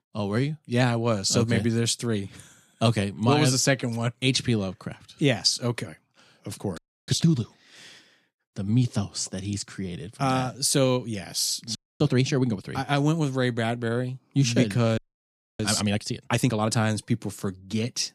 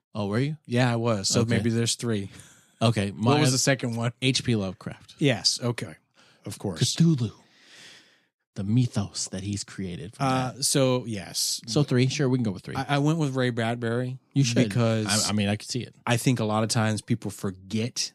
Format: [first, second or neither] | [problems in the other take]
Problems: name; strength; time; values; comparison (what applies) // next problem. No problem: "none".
second | audio freezing; at 7 s, at 12 s and at 15 s for 0.5 s